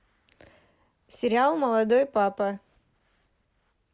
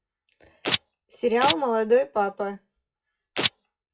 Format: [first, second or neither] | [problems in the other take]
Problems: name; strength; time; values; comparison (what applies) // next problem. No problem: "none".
first | noise reduction (classical method WPE with log-MMSE)